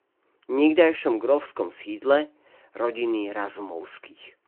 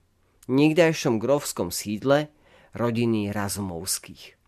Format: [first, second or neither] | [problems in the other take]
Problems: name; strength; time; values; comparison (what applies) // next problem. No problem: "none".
second | phone-call audio